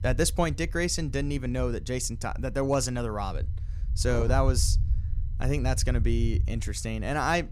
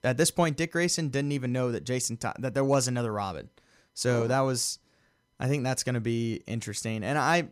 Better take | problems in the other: second | low rumble; faint; throughout; 20 dB below the speech

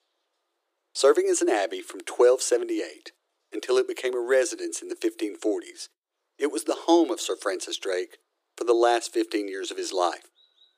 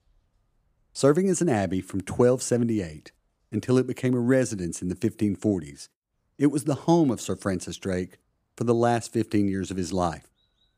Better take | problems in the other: second | thin; very; fading below 350 Hz

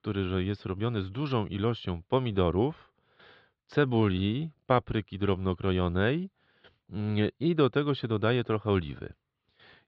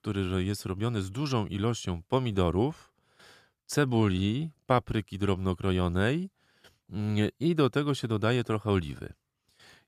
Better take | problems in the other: second | muffled; slightly; fading above 4 kHz

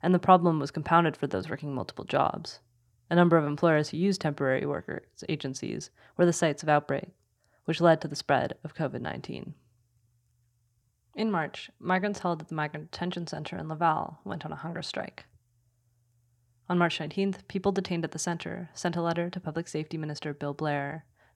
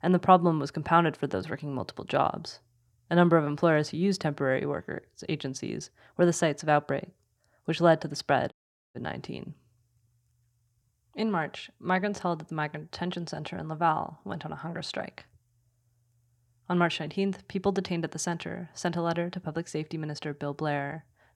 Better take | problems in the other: first | audio cutting out; at 8.5 s

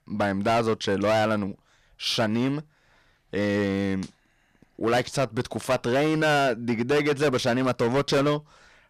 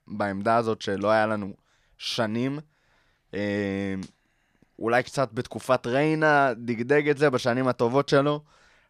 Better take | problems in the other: second | distortion; heavy; 12% of the sound clipped

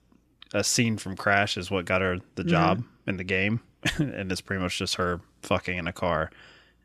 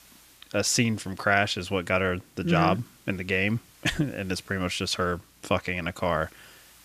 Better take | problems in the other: first | hiss; faint; throughout; 25 dB below the speech

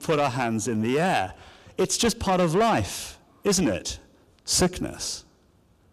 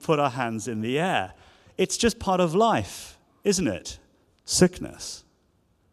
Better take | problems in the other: second | distortion; heavy; 7 dB below the speech

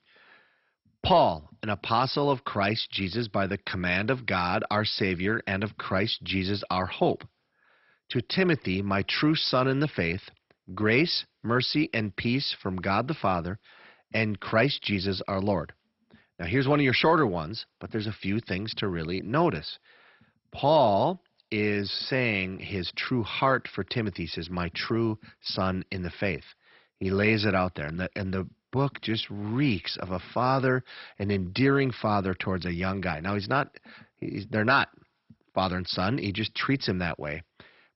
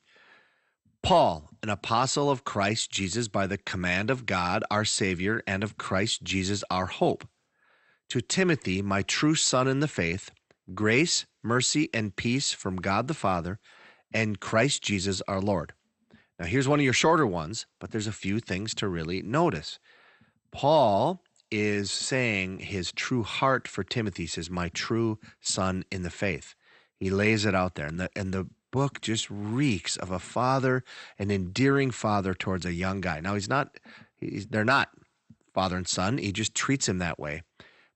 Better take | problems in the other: second | garbled, watery; badly; nothing above 5.5 kHz; slightly in the second

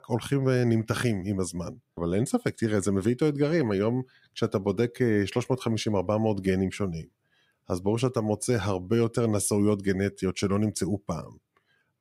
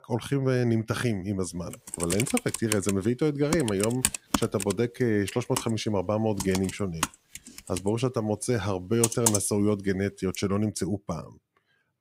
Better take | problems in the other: first | keyboard typing; loud; from 2 to 10 s; peak 4 dB above the speech

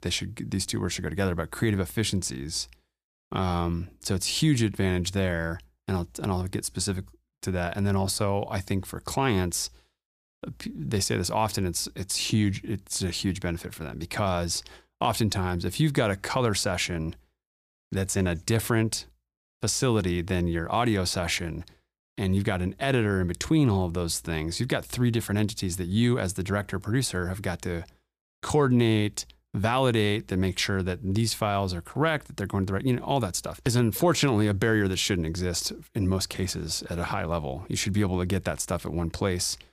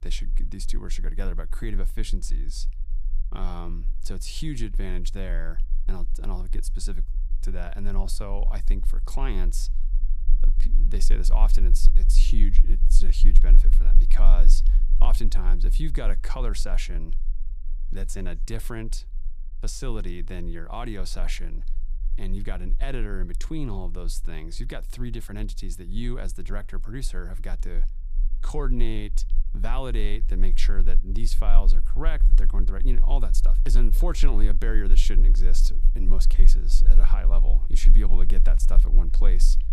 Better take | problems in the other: first | low rumble; noticeable; throughout; 15 dB below the speech

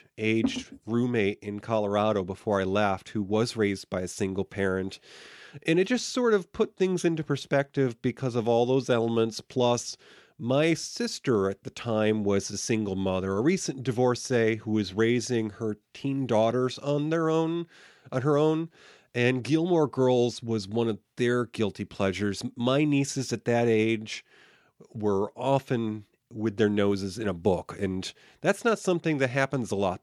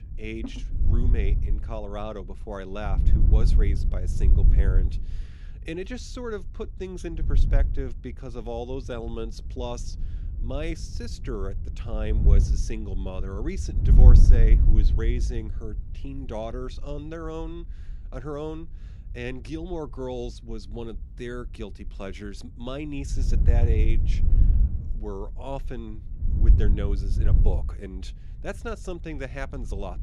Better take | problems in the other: first | wind noise on the microphone; heavy; 5 dB below the speech

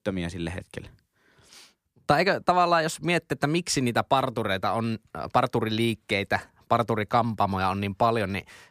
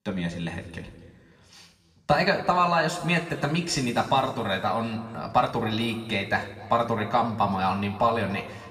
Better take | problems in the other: first | room echo; slight; dies away in 1.7 s // off-mic speech; somewhat distant

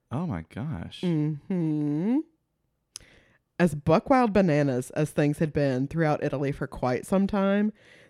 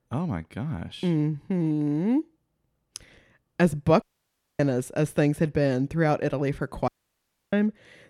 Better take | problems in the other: first | audio cutting out; at 4 s for 0.5 s and at 7 s for 0.5 s

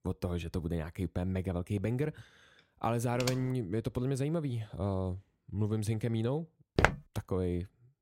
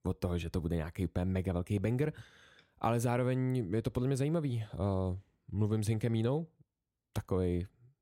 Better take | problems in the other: second | keyboard typing; noticeable; at 3 s; peak 4 dB below the speech // footsteps; loud; at 7 s; peak 5 dB above the speech

